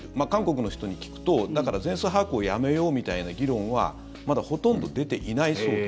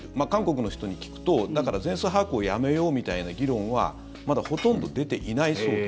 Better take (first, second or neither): first